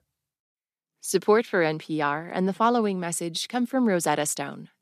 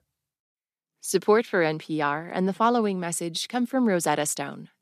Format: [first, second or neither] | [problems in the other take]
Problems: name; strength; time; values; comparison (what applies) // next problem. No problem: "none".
neither | none